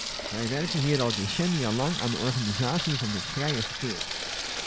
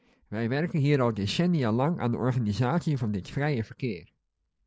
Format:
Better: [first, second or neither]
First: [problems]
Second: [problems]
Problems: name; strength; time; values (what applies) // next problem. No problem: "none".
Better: second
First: background sound (Sink (filling or washing) / Water tap, faucet); 4 dB below the speech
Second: none